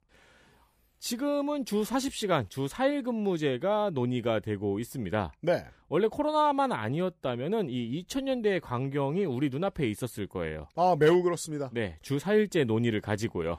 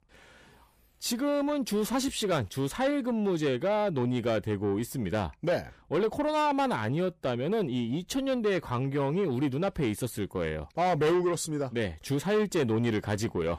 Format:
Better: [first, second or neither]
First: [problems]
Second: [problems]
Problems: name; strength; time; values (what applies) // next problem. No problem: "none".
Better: first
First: none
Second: distortion; slight; 10 dB below the speech